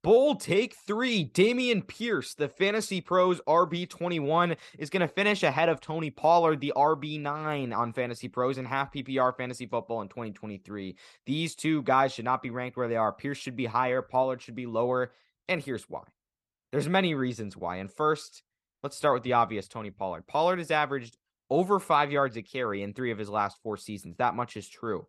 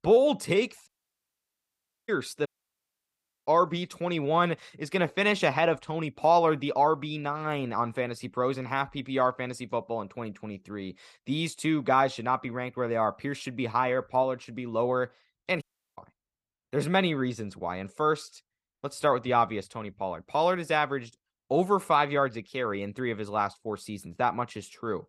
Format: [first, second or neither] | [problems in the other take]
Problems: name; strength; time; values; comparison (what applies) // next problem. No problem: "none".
first | audio cutting out; at 1 s for 1 s, at 2.5 s for 1 s and at 16 s